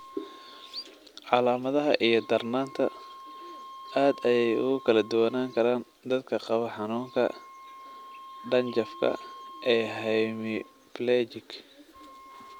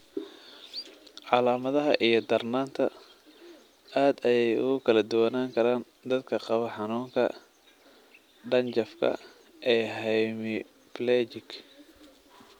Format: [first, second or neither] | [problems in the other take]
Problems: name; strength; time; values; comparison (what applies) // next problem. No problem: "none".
second | background sound (Wind instrument, woodwind instrument); 19 dB below the speech